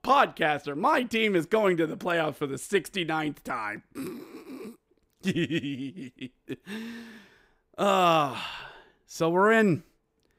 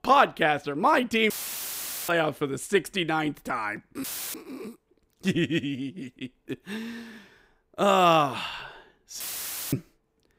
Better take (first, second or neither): first